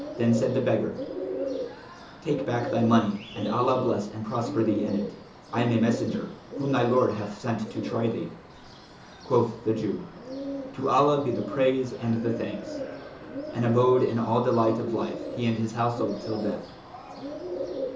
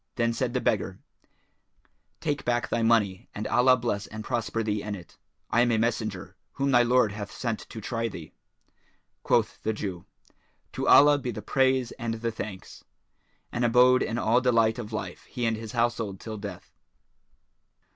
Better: second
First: background sound (Bird); 8 dB below the speech // room echo; dies away in 0.8 s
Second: none

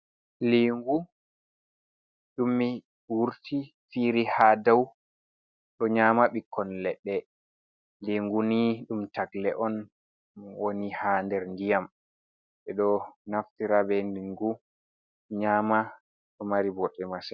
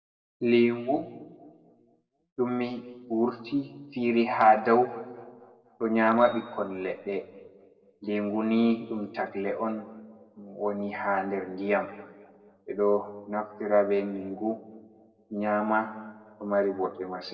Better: first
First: none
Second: noise reduction (neural separator model SepFormer DNS4)

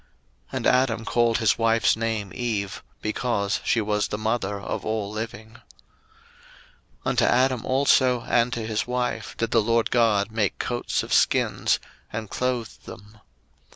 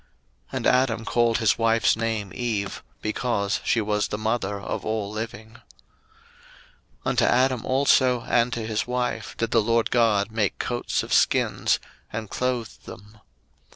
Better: first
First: none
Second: noise reduction (neural separator model SepFormer DNS4)

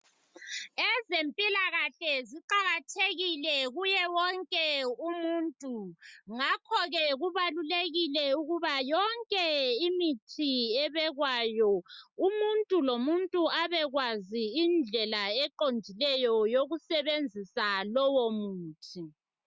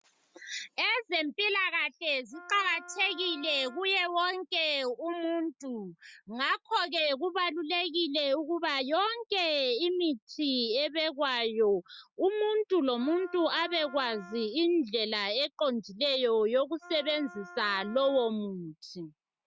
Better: first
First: none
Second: background sound (Wind instrument, woodwind instrument); 19 dB below the speech

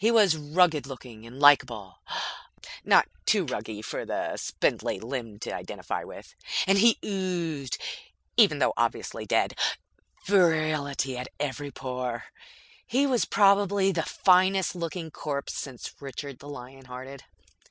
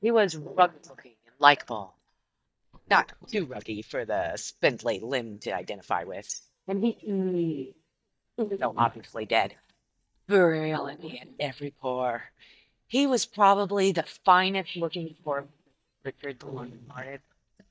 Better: first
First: none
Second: noise reduction (neural mask model DeepFilterNet 3)

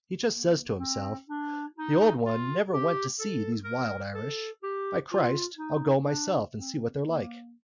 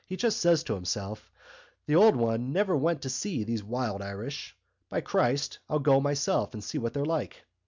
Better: second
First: noise reduction (classical method Wiener filter)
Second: none

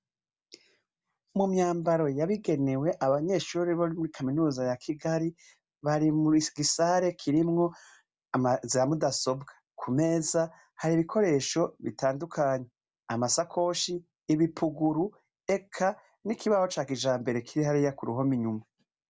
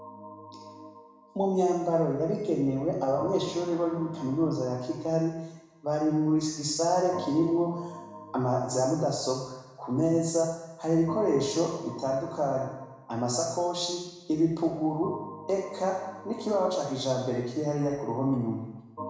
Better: first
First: none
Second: background sound (Organ); 17 dB below the speech // room echo; dies away in 1 s

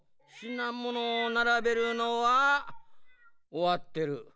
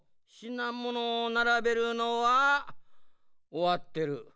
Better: second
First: background sound (Meow); 16 dB below the speech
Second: none

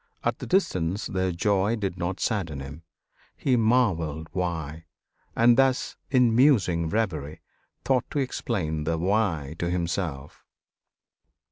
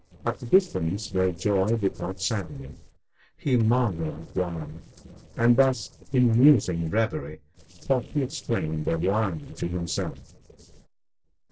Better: first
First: none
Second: noise reduction (neural separator model SepFormer DNS4)

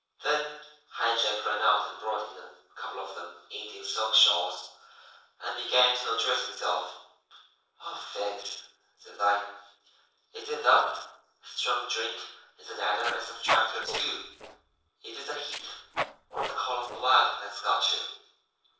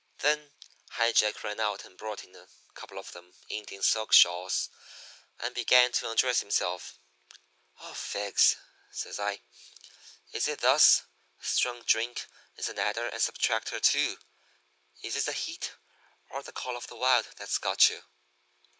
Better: second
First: noise reduction (neural separator model SepFormer DNS4)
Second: none

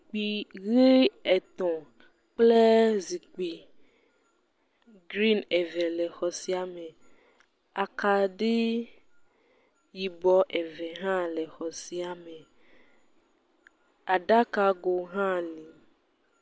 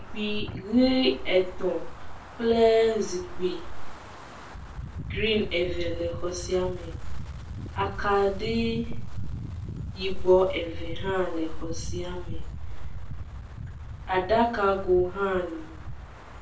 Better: first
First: none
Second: background sound (Wind); 11 dB below the speech // room echo; dies away in 0.3 s

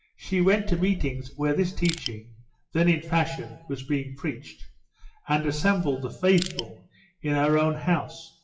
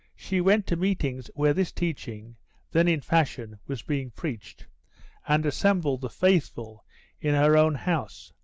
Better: second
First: noise reduction (classical method WPE with log-MMSE)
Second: none

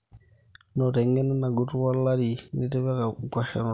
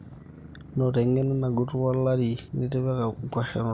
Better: first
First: none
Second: background sound (Motorcycle); 19 dB below the speech

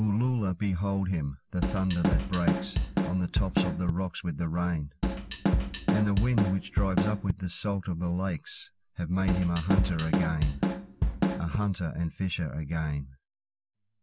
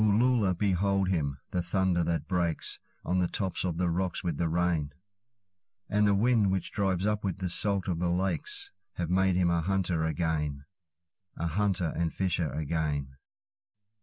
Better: second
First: background sound (Drum kit); 2 dB above the speech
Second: none

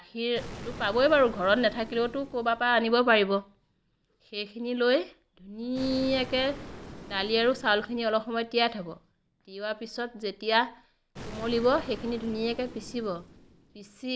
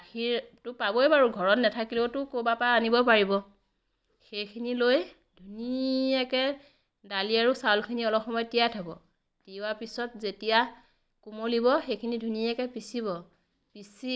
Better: second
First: background sound (Explosion); 17 dB below the speech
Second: none

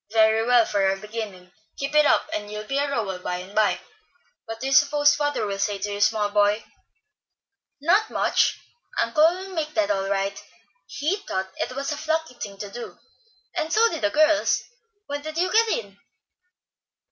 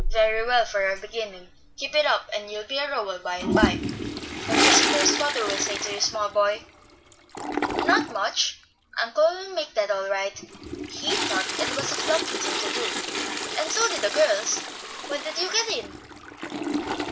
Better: first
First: none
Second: background sound (Toilet flush); 2 dB below the speech

